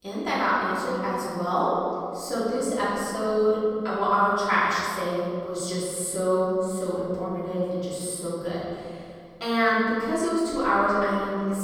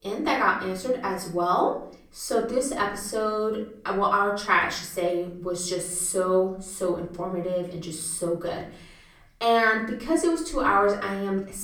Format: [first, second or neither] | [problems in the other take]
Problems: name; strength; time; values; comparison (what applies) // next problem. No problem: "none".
second | room echo; strong; dies away in 2.3 s; slight in the second // off-mic speech; far; far in the second